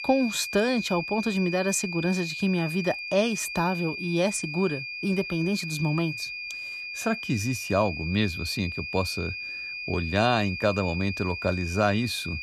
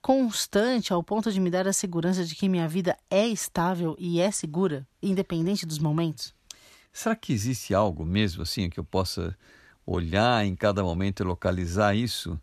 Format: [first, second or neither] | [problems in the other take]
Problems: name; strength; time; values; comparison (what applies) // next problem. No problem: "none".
second | high-pitched whine; loud; throughout; 2.5 kHz, 6 dB below the speech